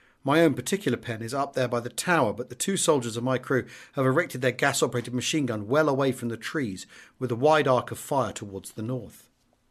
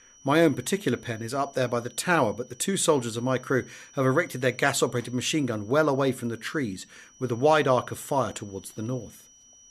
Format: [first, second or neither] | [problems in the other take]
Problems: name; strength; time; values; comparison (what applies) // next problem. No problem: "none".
first | high-pitched whine; faint; throughout; 6 kHz, 25 dB below the speech